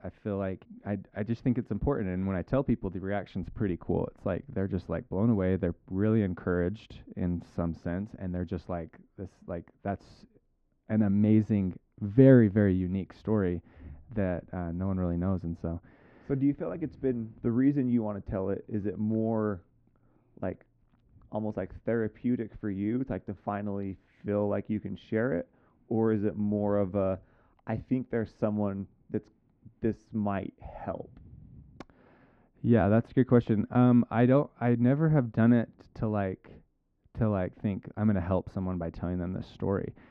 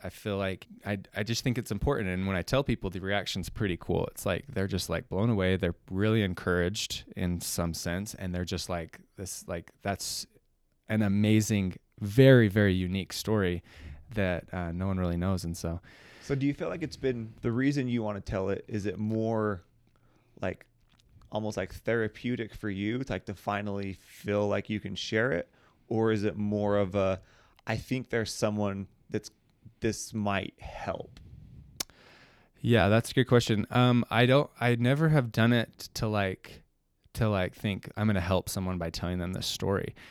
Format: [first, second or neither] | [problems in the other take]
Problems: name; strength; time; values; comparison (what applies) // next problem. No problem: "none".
second | muffled; very; fading above 1 kHz